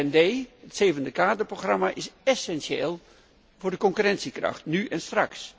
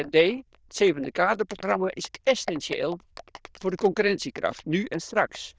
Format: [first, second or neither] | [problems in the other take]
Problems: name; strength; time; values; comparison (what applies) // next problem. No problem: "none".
first | noise reduction (neural diffusion model UNIVERSE++)